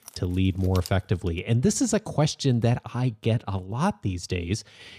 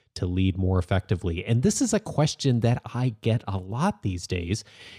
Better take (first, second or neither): second